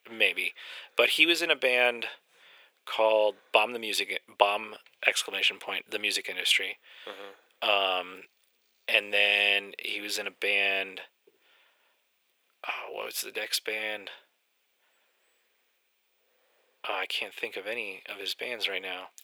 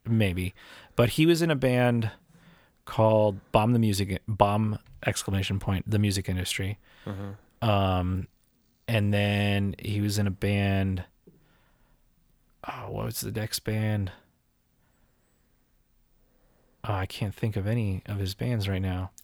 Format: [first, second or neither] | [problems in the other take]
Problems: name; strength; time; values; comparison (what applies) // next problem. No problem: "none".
second | thin; very; fading below 450 Hz